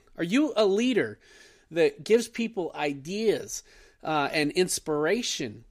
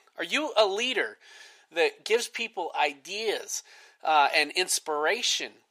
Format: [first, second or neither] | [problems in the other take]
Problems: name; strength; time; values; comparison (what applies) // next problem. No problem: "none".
first | thin; very; fading below 700 Hz